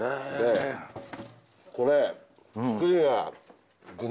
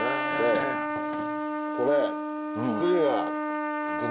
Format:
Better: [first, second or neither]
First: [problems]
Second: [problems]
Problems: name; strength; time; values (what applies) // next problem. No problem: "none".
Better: first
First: none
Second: background sound (Trumpet); 1 dB below the speech